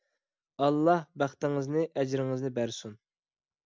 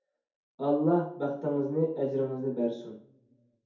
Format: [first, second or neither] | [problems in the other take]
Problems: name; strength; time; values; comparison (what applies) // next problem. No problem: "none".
first | room echo; dies away in 0.6 s